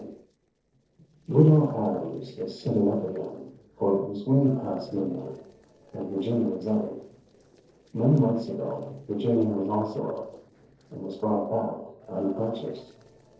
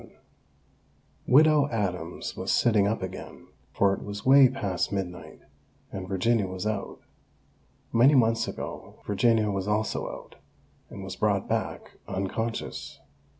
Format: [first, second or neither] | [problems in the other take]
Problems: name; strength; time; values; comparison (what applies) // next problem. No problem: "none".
second | noise reduction (neural separator model SepFormer DNS4)